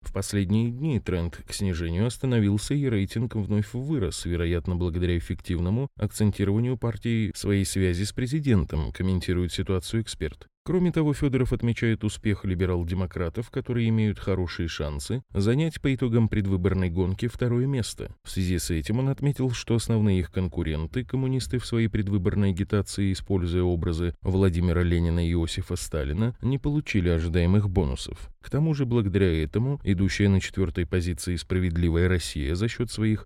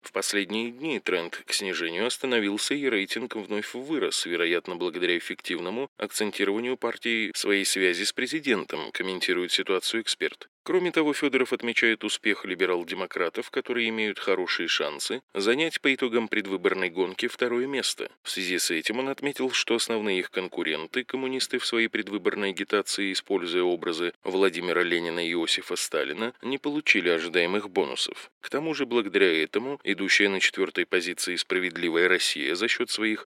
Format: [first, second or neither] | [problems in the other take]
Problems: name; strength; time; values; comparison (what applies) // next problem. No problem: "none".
first | thin; very; fading below 300 Hz